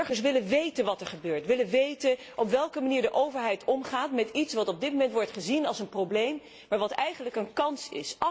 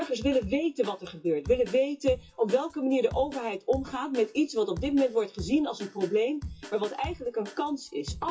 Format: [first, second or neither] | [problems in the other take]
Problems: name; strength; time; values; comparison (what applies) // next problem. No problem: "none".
first | noise reduction (classical method WPE with log-MMSE)